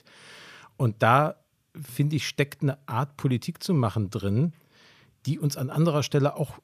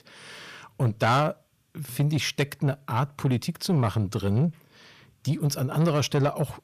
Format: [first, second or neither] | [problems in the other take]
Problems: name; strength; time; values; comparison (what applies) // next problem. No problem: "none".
first | distortion; slight; 10 dB below the speech